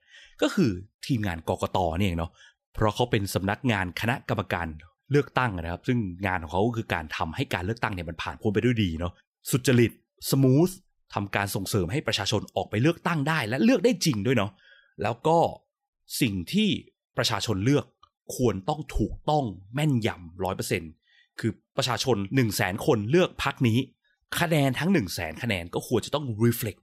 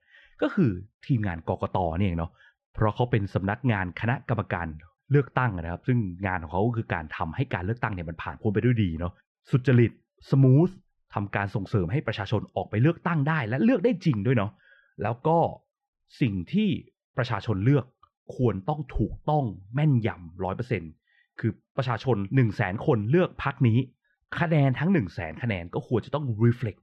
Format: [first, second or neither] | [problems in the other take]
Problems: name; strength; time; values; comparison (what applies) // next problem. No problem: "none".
first | muffled; very; fading above 2 kHz